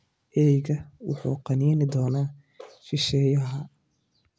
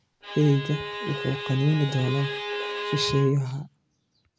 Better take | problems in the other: first | background sound (Bowed string instrument); 7 dB below the speech

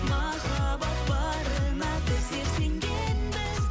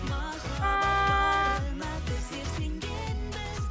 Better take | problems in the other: first | background sound (Wind instrument, woodwind instrument); 3 dB above the speech

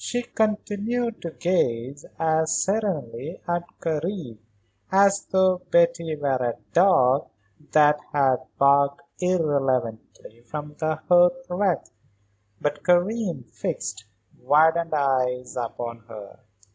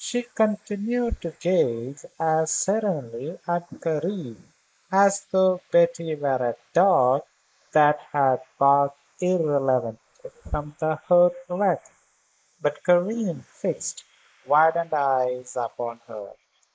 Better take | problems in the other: first | noise reduction (neural mask model Resemble Enhance denoiser)

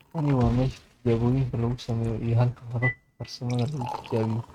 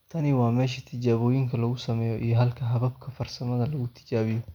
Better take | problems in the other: second | noise reduction (neural mask model RNNoise)

